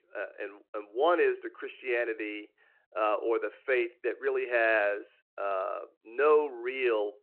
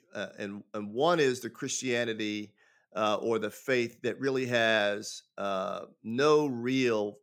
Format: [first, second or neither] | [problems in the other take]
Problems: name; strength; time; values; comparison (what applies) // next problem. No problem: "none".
second | phone-call audio